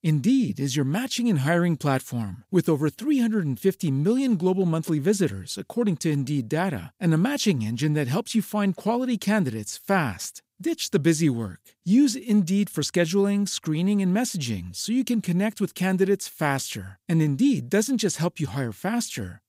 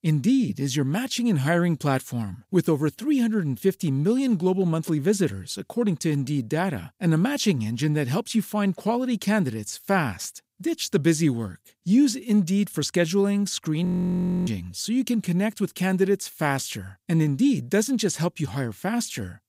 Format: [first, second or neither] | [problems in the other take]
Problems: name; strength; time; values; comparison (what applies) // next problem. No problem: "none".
first | audio freezing; at 14 s for 0.5 s